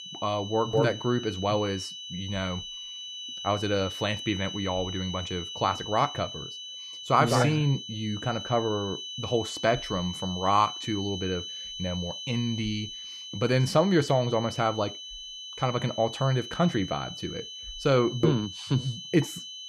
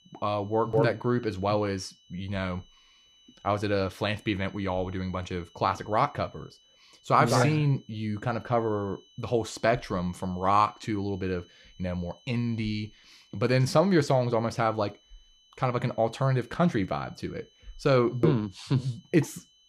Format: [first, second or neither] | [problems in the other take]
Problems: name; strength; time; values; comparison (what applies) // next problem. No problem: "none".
second | high-pitched whine; loud; throughout; 3 kHz, 9 dB below the speech; faint in the second